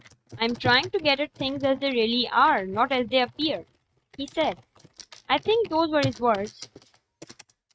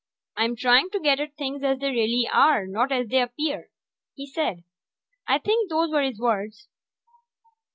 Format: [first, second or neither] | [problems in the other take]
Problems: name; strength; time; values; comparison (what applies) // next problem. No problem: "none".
second | noise reduction (neural mask model RNNoise)